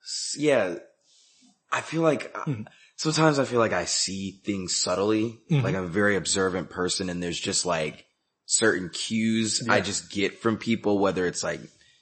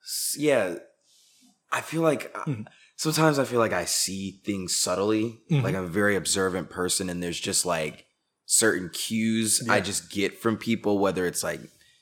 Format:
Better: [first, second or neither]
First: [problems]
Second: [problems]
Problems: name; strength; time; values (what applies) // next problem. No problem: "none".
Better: second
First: garbled, watery; slightly; nothing above 8 kHz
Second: none